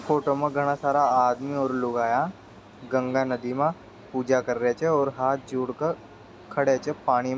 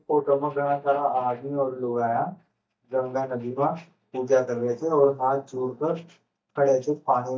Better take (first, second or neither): first